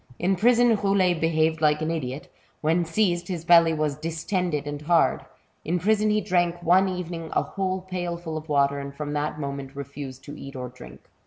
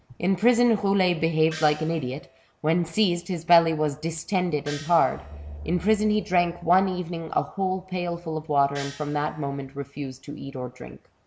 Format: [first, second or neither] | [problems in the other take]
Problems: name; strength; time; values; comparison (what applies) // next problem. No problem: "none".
first | background sound (Gong + Drum); 16 dB below the speech